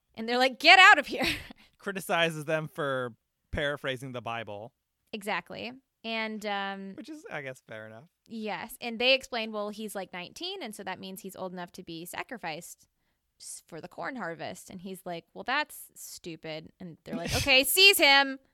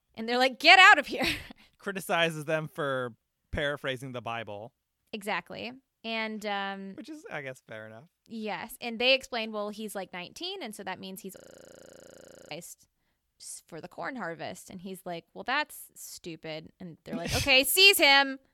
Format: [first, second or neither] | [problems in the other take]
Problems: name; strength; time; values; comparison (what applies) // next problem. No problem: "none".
first | audio freezing; at 11 s for 1 s